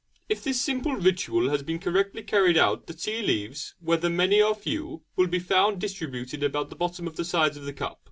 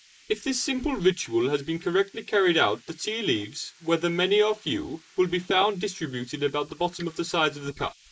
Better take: first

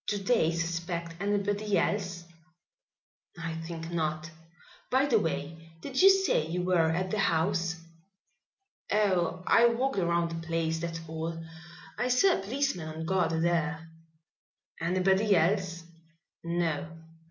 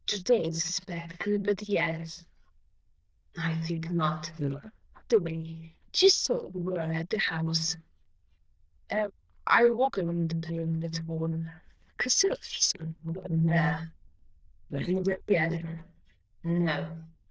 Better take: first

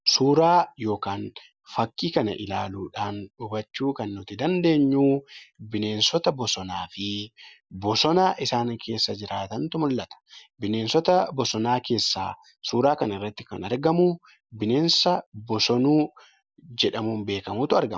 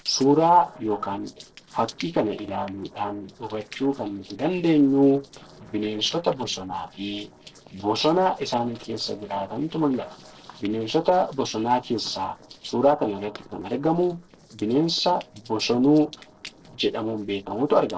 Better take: first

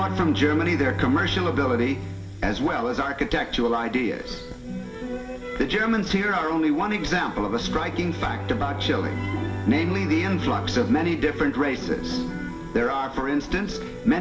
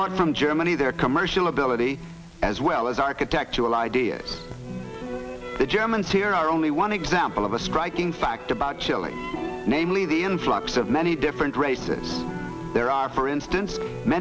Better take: second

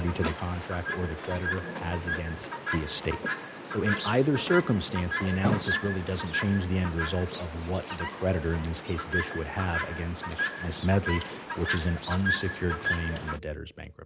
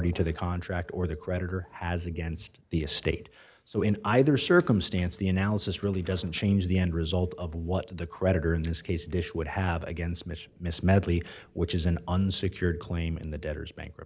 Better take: second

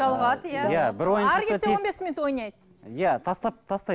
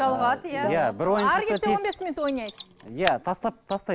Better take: first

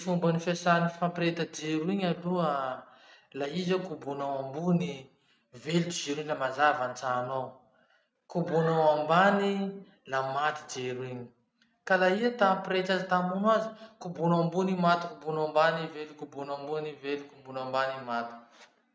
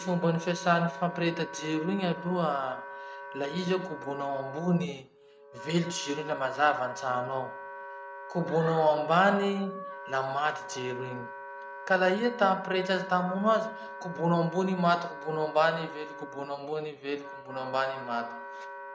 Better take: first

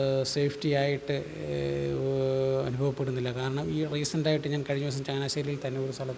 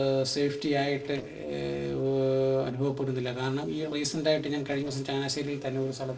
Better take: first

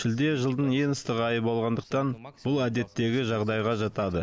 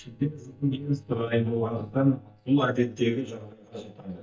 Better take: first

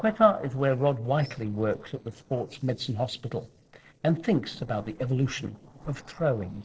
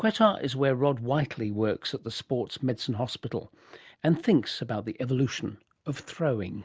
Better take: second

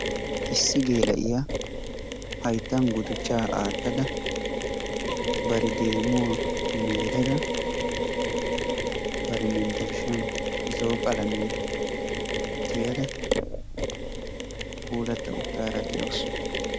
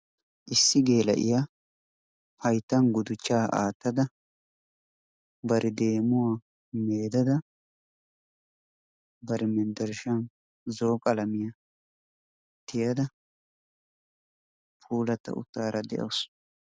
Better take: second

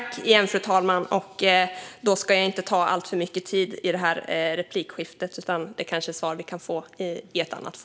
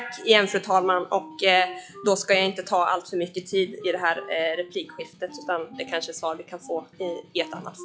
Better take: first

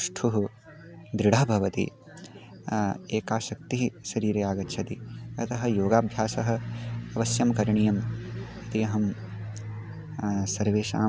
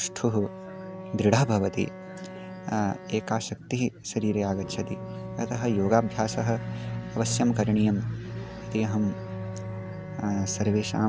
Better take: first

